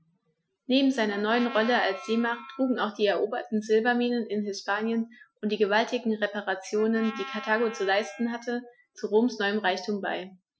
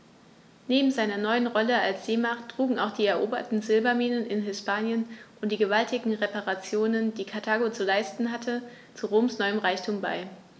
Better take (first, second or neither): second